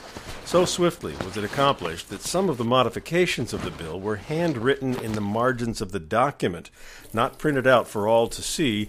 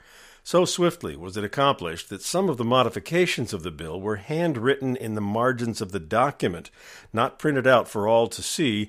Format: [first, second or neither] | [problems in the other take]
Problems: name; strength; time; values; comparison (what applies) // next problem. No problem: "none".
second | household noises; noticeable; throughout; 15 dB below the speech